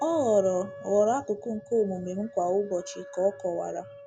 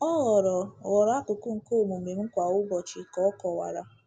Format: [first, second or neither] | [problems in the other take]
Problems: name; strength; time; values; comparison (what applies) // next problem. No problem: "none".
second | background sound (Wind instrument, woodwind instrument); 17 dB below the speech